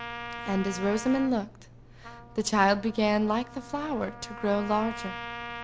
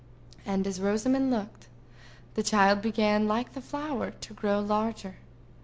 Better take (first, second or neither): second